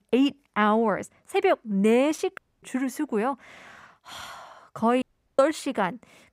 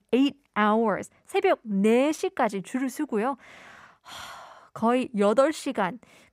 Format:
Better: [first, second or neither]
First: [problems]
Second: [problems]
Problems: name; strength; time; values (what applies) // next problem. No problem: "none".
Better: second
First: audio cutting out; at 2.5 s and at 5 s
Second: none